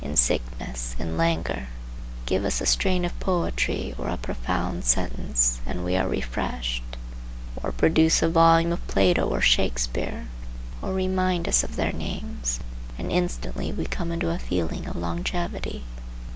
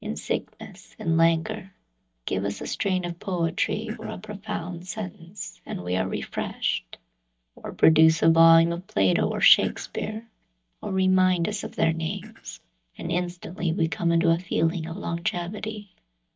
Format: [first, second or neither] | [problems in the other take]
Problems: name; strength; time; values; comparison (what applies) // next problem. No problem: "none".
first | noise reduction (neural mask model DeepFilterNet 3)